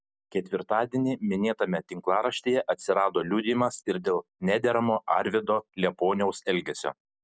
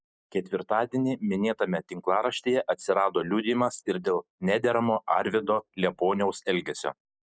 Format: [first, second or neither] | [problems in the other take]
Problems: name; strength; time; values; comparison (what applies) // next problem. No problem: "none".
first | noise reduction (neural mask model Resemble Enhance denoiser)